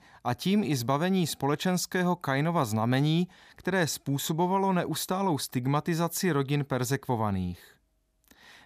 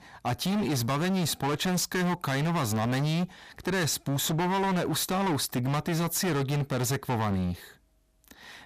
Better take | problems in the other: first | distortion; heavy; 30% of the sound clipped

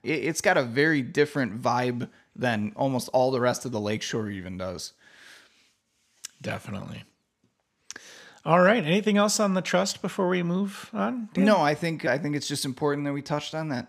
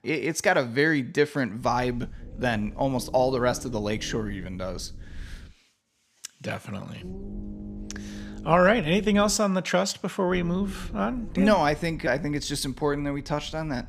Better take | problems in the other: first | low rumble; faint; from 1.5 to 5.5 s, from 7 to 9.5 s and from 10 s on; 25 dB below the speech

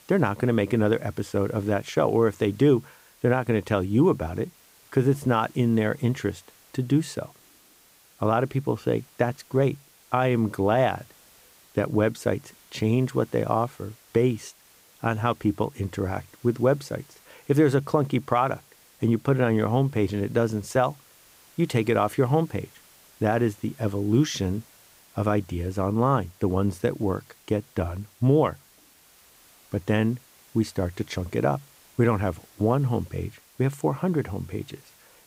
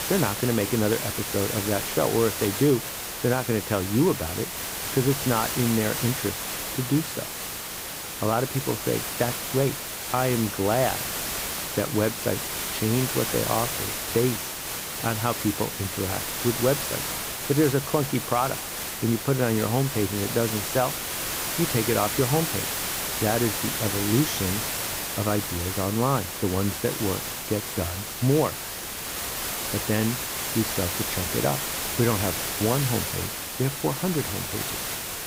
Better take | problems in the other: first | hiss; loud; throughout; 2 dB below the speech; faint in the first

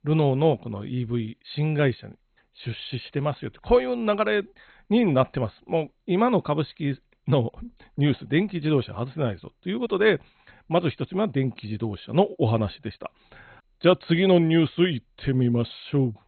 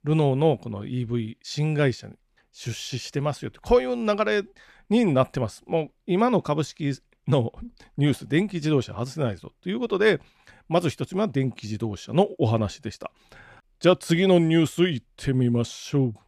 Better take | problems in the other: second | garbled, watery; badly; nothing above 4 kHz

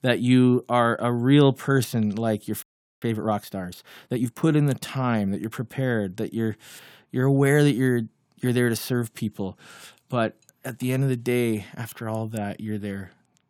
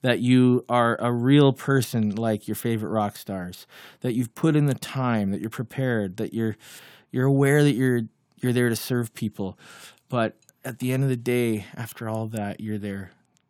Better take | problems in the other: second | audio freezing; at 2.5 s

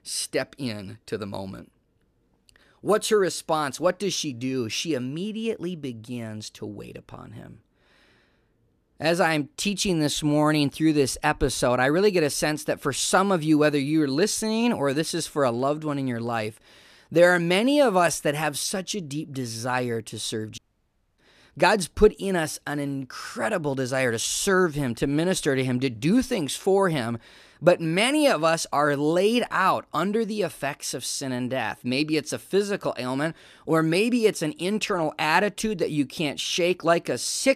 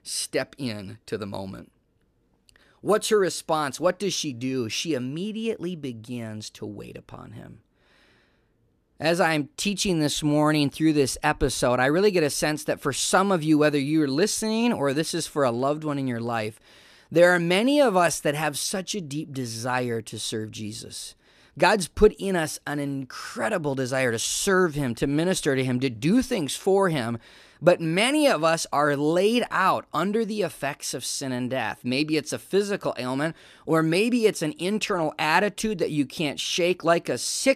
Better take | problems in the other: second | audio cutting out; at 21 s for 0.5 s

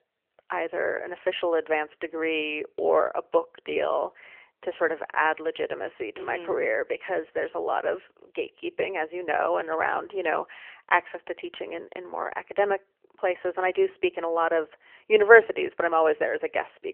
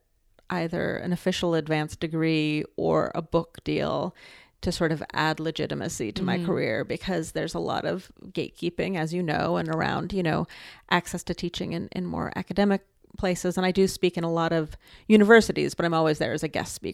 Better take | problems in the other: second | phone-call audio; nothing above 3 kHz

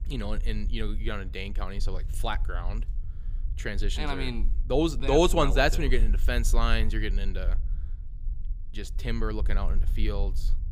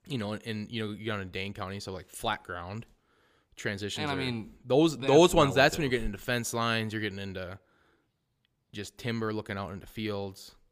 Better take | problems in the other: second | low rumble; faint; throughout; 25 dB below the speech

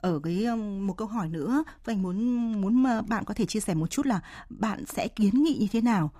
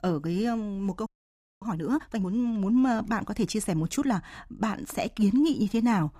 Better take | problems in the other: first | audio freezing; at 1 s for 0.5 s

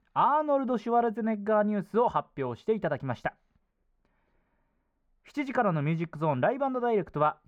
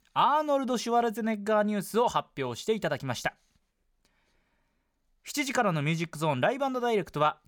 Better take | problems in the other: second | muffled; very; fading above 3 kHz

